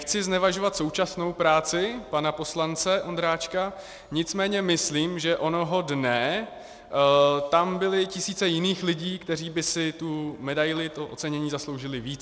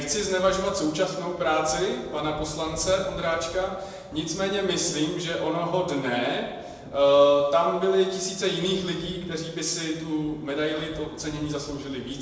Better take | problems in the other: first | background sound (Thunder); 20 dB below the speech // room echo; dies away in 0.9 s

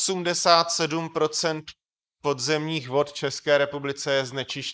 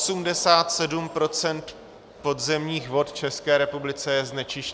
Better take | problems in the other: second | noise reduction (neural mask model Resemble Enhance denoiser)

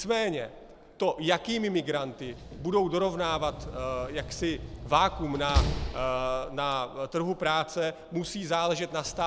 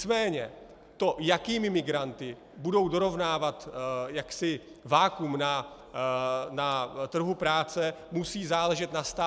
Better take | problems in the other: second | background sound (Slam); 8 dB below the speech

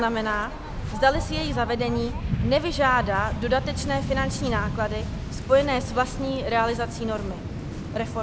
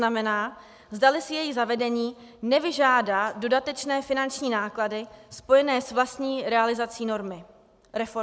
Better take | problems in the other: second | background sound (Waves, surf); 4 dB below the speech

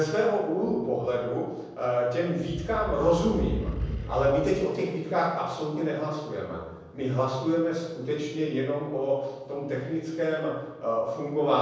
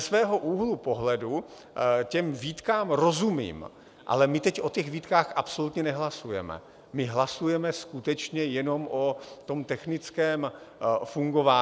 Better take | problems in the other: second | background sound (Animal); 6 dB below the speech // room echo; dies away in 1.1 s

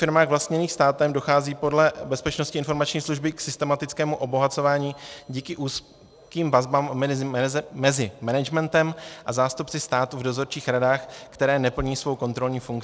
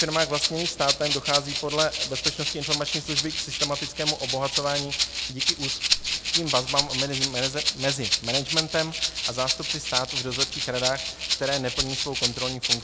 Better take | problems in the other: first | background sound (Rattle (instrument)); 2 dB above the speech

